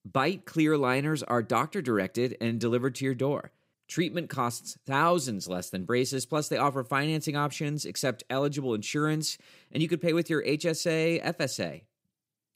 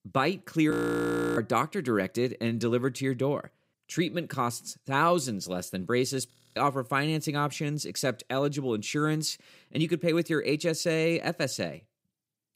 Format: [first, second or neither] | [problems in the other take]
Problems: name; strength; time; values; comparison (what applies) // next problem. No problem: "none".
first | audio freezing; at 0.5 s for 0.5 s and at 6.5 s